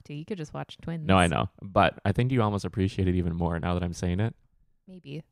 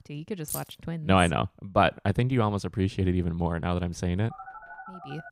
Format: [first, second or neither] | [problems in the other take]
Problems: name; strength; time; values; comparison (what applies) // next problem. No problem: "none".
first | jangling keys; noticeable; at 0.5 s; peak 8 dB below the speech // phone ringing; faint; from 4.5 s on; peak 15 dB below the speech